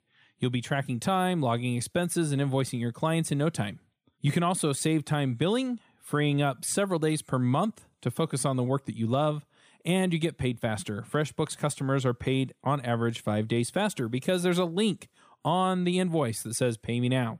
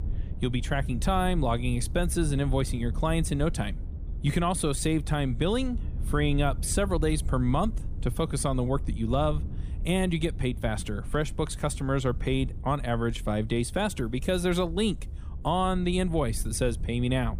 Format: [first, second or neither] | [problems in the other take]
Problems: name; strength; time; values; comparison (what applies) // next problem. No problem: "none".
first | low rumble; faint; throughout; 20 dB below the speech